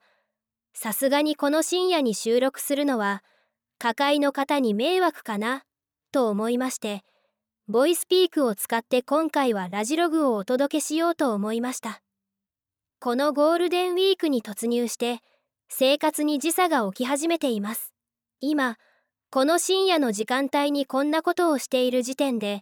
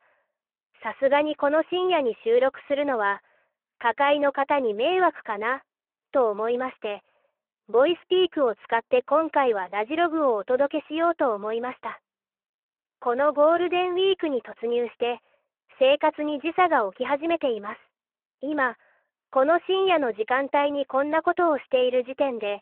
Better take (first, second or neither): first